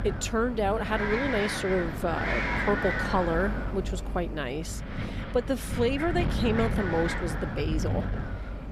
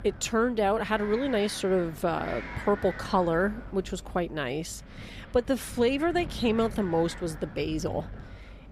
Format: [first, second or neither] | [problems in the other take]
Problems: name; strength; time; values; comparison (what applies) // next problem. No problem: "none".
second | wind noise on the microphone; heavy; 2 dB below the speech; occasional gusts in the second